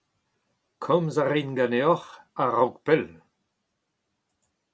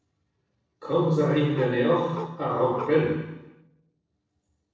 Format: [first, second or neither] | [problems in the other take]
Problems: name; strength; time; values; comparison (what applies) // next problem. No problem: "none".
first | noise reduction (neural separator model SepFormer DNS4)